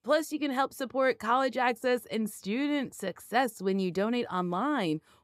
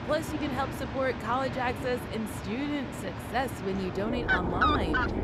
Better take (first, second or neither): first